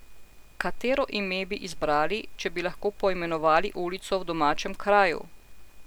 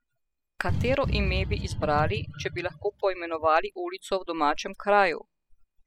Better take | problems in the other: first | noise reduction (classical method spectral subtraction)

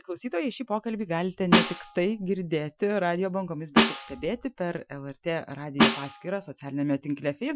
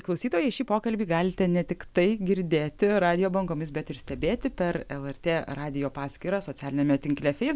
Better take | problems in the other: second | noise reduction (classical method Wiener filter)

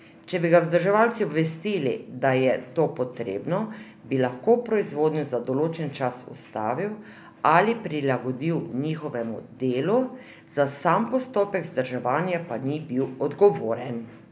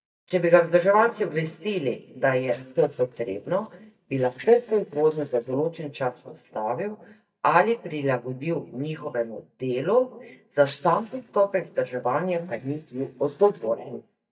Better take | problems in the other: first | noise reduction (neural mask model DeepFilterNet 3)

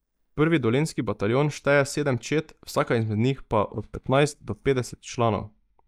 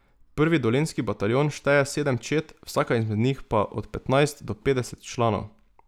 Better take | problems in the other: second | noise reduction (neural mask model DeepFilterNet 3)

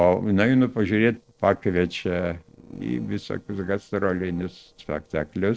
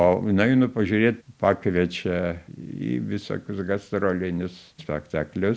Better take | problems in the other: second | noise reduction (neural separator model SepFormer DNS4)

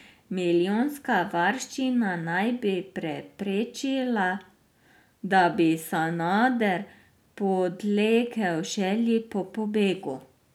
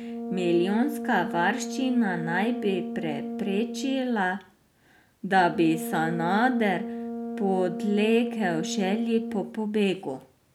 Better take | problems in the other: first | background sound (Brass instrument); 7 dB below the speech

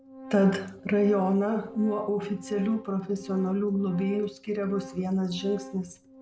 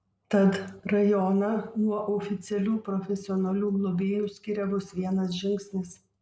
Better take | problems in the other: second | background sound (Organ); 16 dB below the speech

